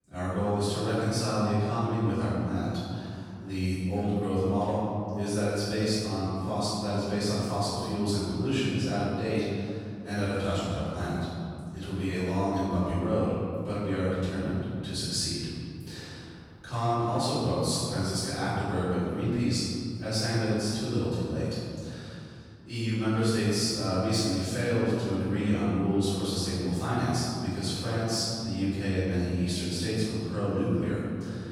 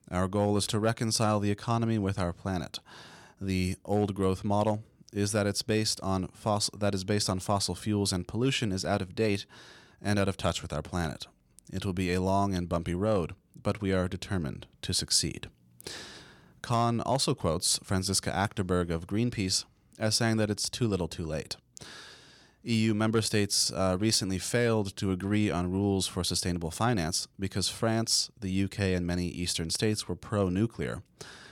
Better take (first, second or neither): second